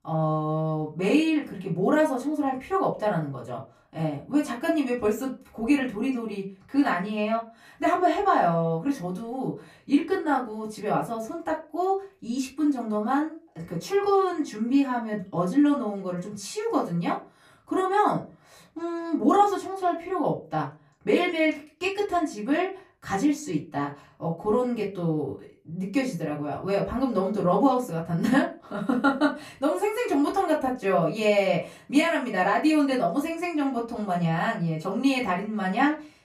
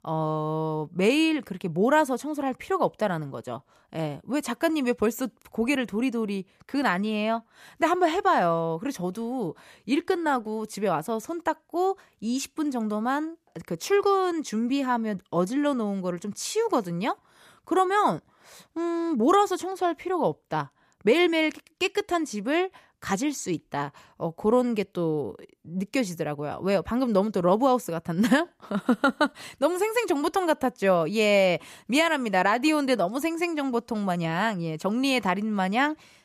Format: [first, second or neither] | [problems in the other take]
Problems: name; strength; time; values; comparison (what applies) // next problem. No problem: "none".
second | off-mic speech; far // room echo; very slight; dies away in 0.3 s